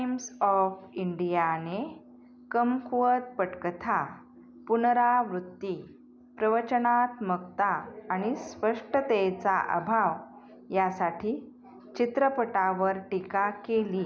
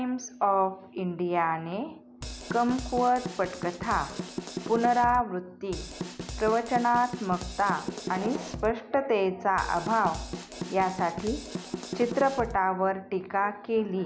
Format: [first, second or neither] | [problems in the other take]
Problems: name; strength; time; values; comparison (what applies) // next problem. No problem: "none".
first | background sound (Drum kit); 9 dB below the speech